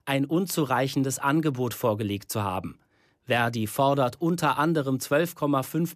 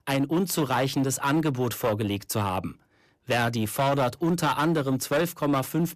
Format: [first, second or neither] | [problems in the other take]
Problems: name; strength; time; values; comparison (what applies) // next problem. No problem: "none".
first | distortion; slight; 11% of the sound clipped